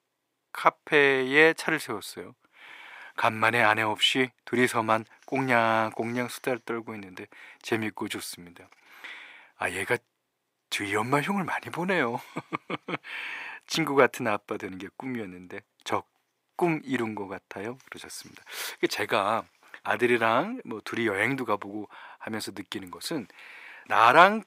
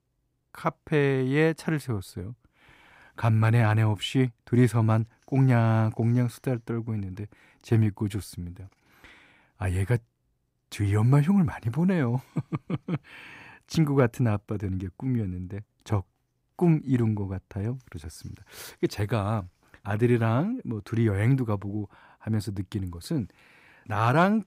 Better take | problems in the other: second | thin; very; fading below 450 Hz

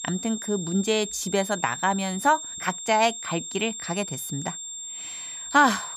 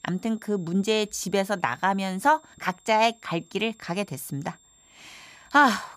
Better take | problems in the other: second | high-pitched whine; loud; throughout; 7.5 kHz, 8 dB below the speech; faint in the second

